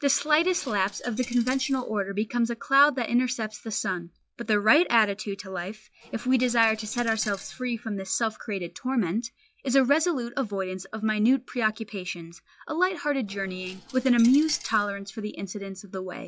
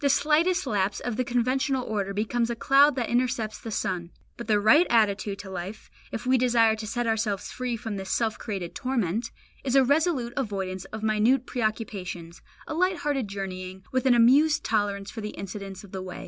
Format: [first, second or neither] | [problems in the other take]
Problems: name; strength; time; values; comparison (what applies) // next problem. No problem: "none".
second | noise reduction (classical method log-MMSE)